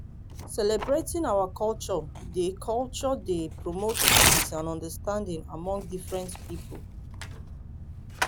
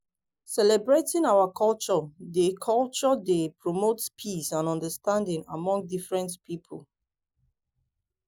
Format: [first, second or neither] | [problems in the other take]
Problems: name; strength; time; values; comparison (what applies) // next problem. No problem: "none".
second | background sound (Tearing); as loud as the speech